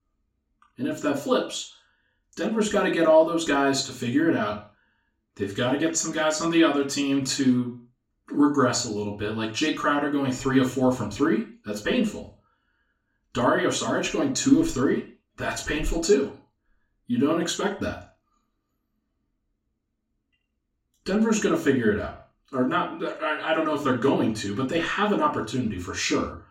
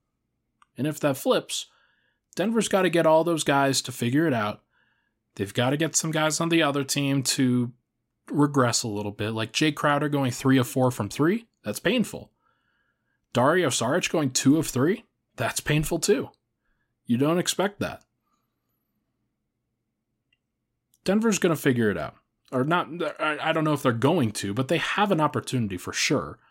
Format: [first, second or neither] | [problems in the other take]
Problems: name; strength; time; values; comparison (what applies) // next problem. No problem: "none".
second | room echo; slight; dies away in 0.3 s // off-mic speech; far